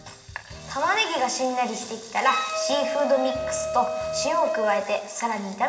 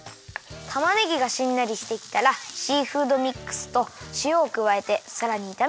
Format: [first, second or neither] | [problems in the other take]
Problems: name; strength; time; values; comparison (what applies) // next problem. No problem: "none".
second | background sound (Wind instrument, woodwind instrument); 4 dB below the speech // room echo; dies away in 1.7 s